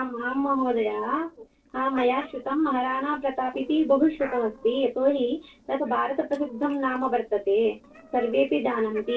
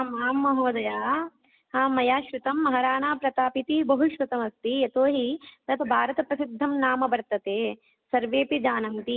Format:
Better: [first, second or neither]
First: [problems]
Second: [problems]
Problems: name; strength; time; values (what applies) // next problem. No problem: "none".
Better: second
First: noise reduction (neural separator model SepFormer DNS4)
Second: none